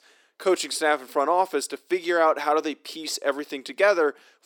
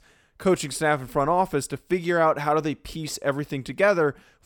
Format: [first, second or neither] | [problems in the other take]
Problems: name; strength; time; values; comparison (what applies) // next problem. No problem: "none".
second | thin; somewhat; fading below 300 Hz